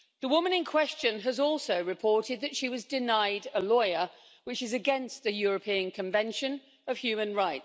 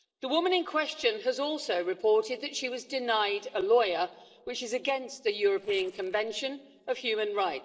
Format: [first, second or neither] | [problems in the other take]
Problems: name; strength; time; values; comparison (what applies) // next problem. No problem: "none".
first | noise reduction (neural separator model SepFormer DNS4)